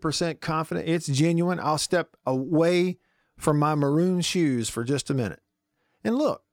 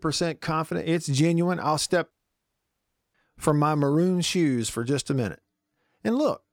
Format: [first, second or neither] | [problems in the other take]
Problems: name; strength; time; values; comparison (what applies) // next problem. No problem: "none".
first | audio cutting out; at 2 s for 1 s